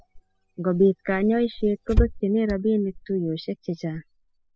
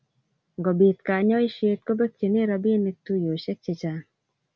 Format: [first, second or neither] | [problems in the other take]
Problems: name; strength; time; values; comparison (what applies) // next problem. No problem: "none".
second | noise reduction (classical method spectral subtraction)